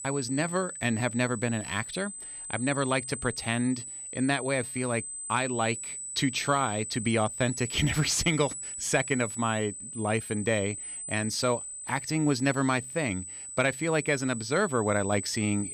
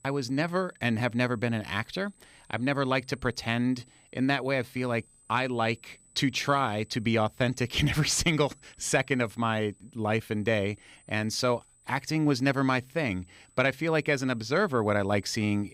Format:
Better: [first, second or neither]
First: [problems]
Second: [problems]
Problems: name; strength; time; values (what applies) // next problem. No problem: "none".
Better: second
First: high-pitched whine; loud; throughout; 8 kHz, 7 dB below the speech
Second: high-pitched whine; faint; throughout; 8 kHz, 30 dB below the speech